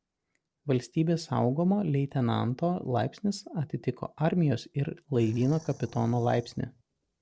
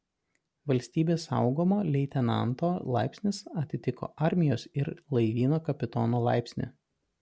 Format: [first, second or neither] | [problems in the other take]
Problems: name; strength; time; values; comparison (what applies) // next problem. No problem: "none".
second | noise reduction (neural separator model SepFormer DNS4)